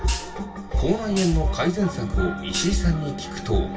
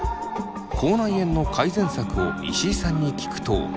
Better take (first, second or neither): second